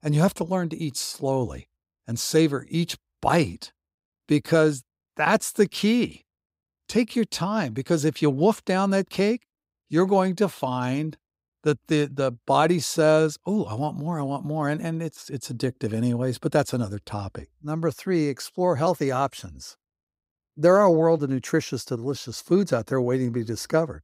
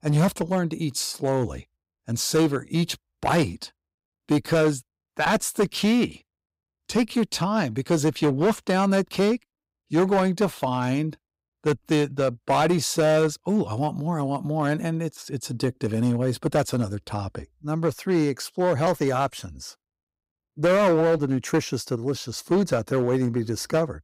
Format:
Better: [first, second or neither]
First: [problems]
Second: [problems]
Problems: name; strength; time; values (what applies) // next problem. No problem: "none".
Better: first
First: none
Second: distortion; slight; 6% of the sound clipped